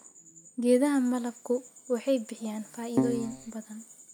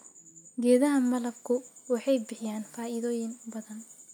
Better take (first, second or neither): second